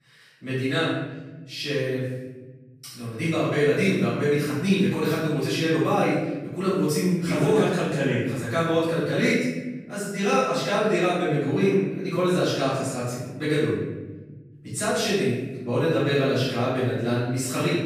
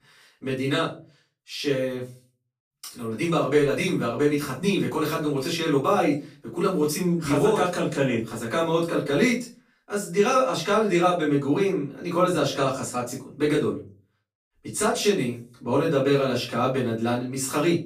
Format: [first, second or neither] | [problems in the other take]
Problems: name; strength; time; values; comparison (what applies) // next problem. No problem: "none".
second | room echo; strong; dies away in 1.5 s; slight in the second // off-mic speech; far; far in the second